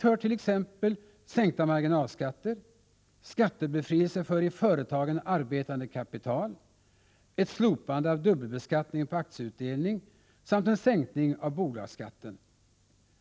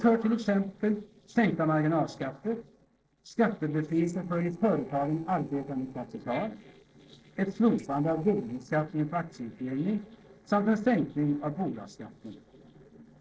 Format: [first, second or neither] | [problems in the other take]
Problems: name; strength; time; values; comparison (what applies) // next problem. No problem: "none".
first | noise reduction (neural separator model SepFormer DNS4)